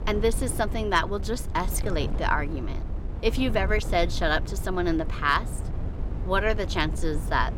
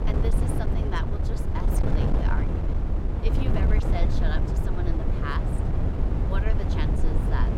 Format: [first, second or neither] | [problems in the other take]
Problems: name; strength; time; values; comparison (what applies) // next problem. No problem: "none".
first | wind noise on the microphone; heavy; 1 dB above the speech; occasional gusts in the first